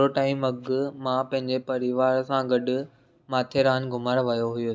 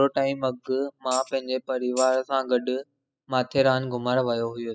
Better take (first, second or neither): first